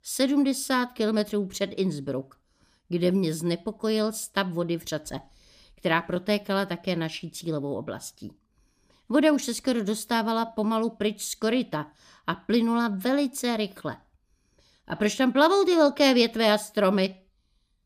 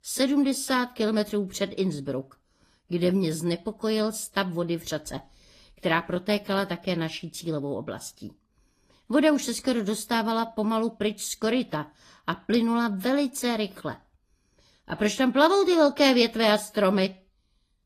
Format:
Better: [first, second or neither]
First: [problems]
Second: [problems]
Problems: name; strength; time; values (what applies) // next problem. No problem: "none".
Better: first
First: none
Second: garbled, watery; slightly; nothing above 14.5 kHz